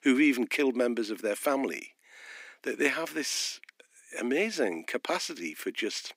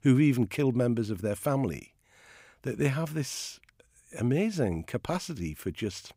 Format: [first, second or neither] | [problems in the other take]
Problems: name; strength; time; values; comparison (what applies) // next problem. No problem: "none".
second | thin; very slightly; fading below 250 Hz